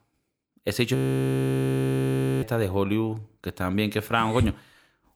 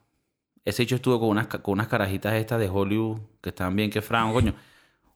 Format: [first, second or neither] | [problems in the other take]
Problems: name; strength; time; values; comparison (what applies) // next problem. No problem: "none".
second | audio freezing; at 1 s for 1.5 s